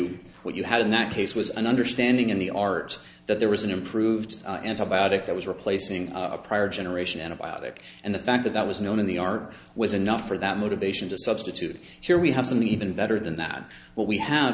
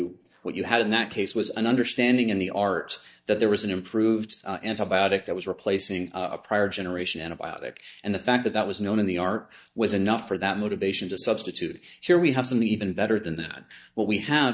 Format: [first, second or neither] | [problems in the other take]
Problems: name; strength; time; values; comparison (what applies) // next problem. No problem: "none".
first | noise reduction (neural mask model DeepFilterNet 3)